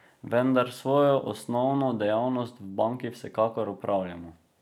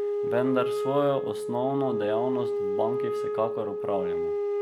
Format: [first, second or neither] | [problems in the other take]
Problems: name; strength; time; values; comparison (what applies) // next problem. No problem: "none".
first | background sound (Wind instrument, woodwind instrument); 1 dB above the speech